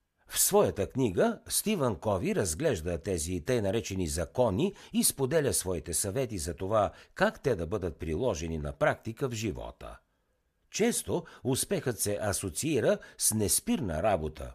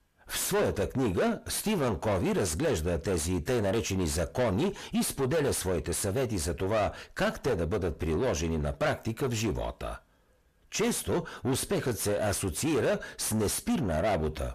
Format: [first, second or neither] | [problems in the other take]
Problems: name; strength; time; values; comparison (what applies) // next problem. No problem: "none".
first | distortion; heavy; 5 dB below the speech